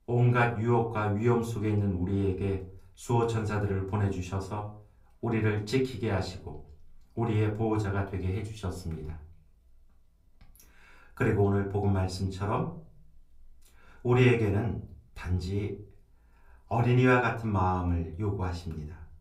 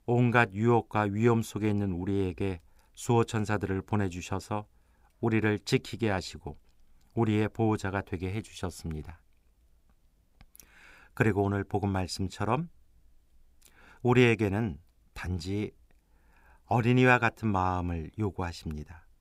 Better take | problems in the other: second | off-mic speech; far // room echo; very slight; dies away in 0.4 s

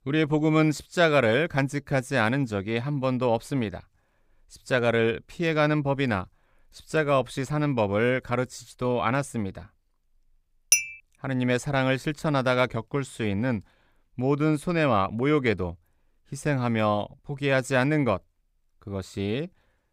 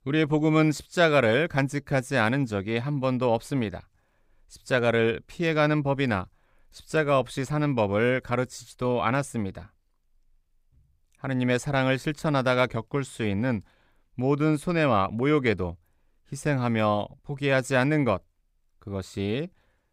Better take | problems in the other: second | clattering dishes; loud; at 11 s; peak 4 dB above the speech

